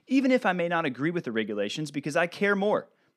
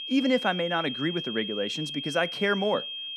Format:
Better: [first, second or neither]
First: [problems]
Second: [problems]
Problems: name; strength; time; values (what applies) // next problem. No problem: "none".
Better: first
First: none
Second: high-pitched whine; loud; throughout; 3 kHz, 5 dB below the speech